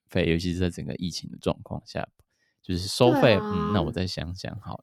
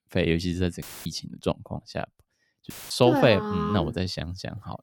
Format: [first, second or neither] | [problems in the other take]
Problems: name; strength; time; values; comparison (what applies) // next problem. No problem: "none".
first | audio cutting out; filled with static; at 1 s and at 2.5 s